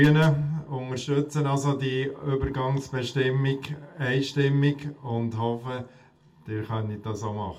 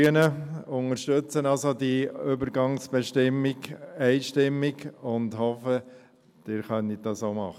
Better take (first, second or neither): second